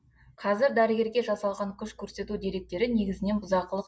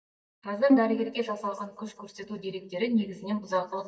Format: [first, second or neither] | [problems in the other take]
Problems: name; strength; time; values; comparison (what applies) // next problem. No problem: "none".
first | noise reduction (neural mask model DeepFilterNet 3)